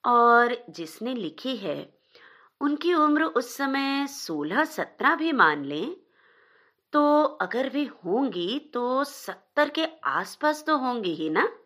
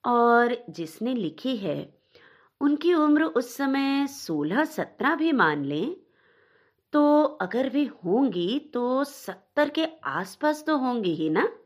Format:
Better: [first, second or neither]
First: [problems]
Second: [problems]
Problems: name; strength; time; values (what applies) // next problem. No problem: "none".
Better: second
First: thin; very slightly; fading below 650 Hz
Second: none